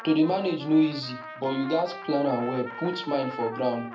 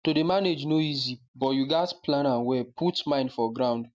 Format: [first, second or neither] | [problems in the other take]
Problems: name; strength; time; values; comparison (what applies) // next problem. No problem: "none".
second | background sound (Trumpet); 13 dB below the speech // room echo; dies away in 0.3 s